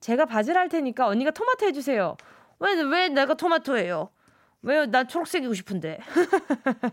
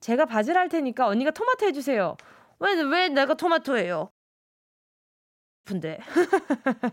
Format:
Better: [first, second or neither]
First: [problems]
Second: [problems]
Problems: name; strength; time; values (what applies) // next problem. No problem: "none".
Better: first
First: none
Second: audio cutting out; at 4 s for 1.5 s